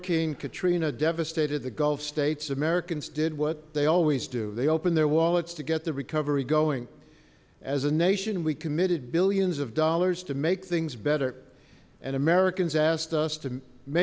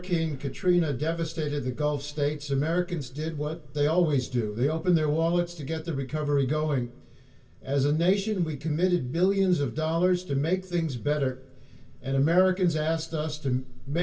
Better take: first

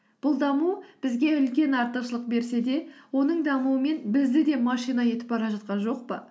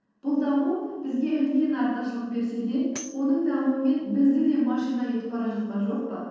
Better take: first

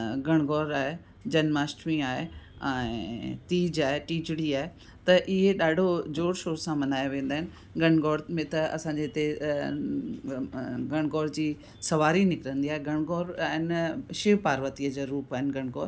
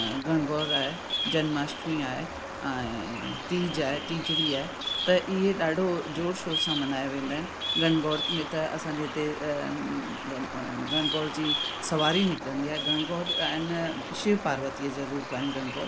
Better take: first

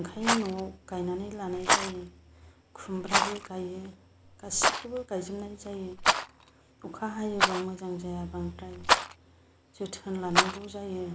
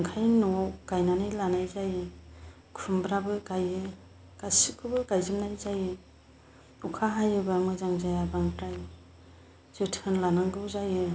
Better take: second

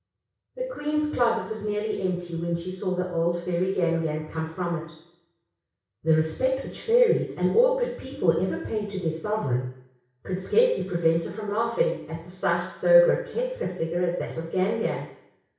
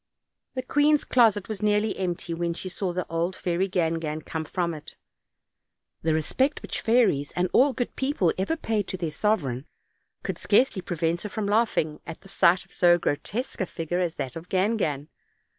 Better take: second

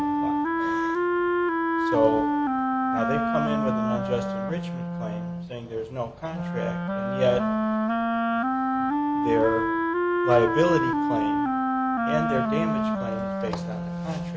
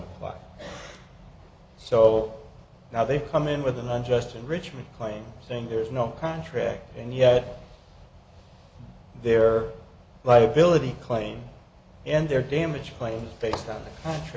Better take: second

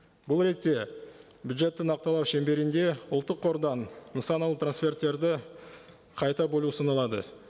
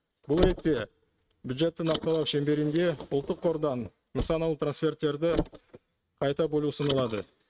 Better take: first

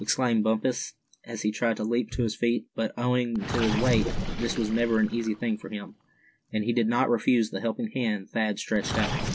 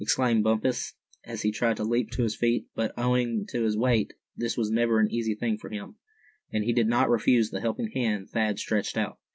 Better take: second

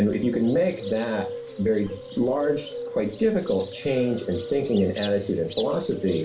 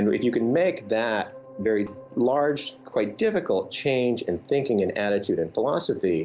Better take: second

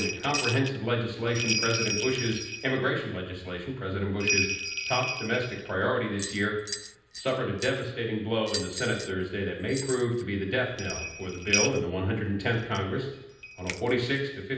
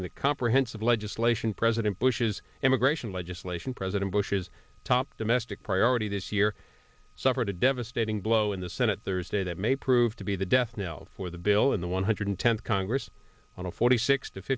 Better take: second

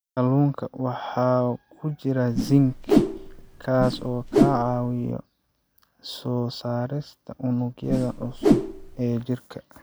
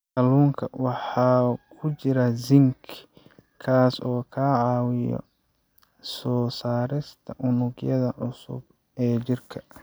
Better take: second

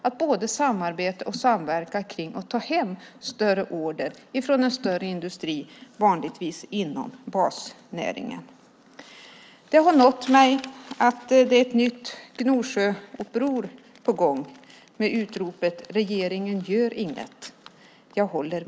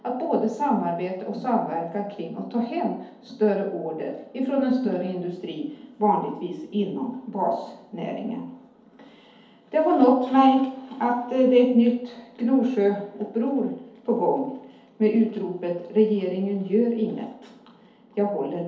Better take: first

